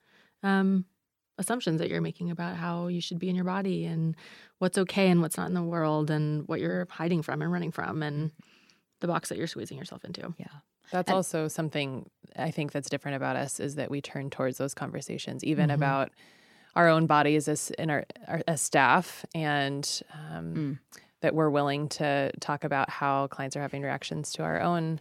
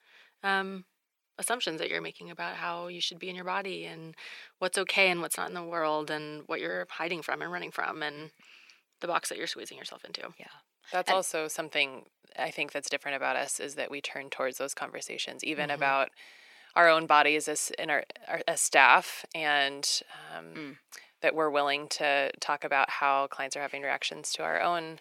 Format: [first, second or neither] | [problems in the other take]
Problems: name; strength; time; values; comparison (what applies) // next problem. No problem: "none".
first | thin; very; fading below 550 Hz